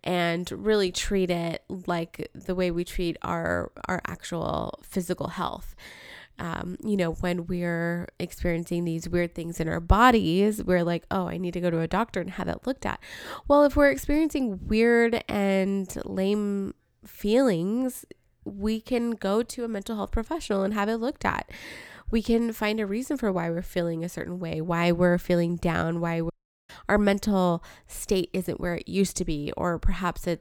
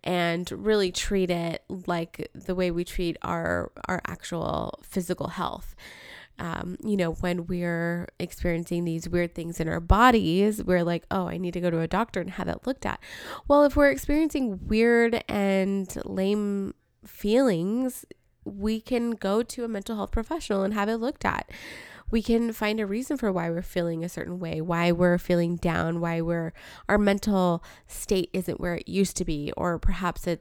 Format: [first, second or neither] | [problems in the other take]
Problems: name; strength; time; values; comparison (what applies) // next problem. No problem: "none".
second | audio cutting out; at 26 s